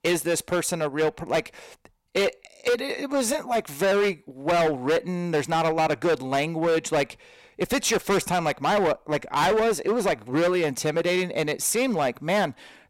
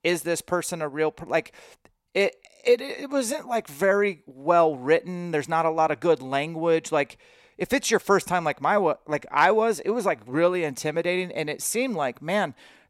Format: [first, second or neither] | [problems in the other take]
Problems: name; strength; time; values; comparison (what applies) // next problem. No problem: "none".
second | distortion; heavy; 15% of the sound clipped